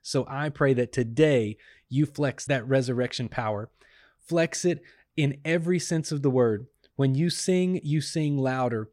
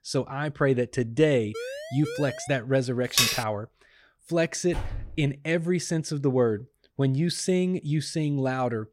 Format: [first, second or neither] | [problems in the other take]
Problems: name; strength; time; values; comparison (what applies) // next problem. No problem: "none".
first | siren; noticeable; from 1.5 to 2.5 s; peak 9 dB below the speech // clattering dishes; loud; at 3 s; peak 5 dB above the speech // door banging; noticeable; at 4.5 s; peak 10 dB below the speech